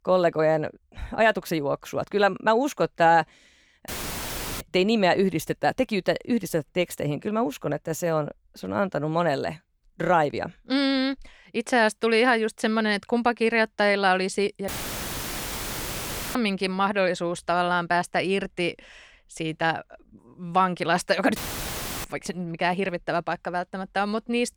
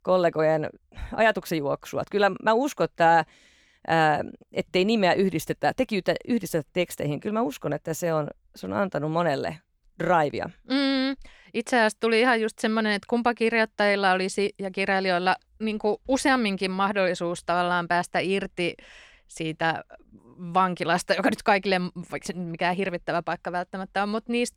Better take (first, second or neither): second